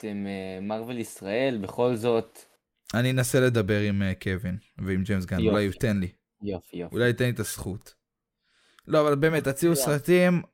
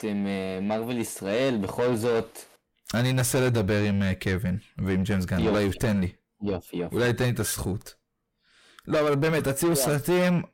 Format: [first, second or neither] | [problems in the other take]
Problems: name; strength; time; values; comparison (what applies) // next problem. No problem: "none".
first | distortion; heavy; 8 dB below the speech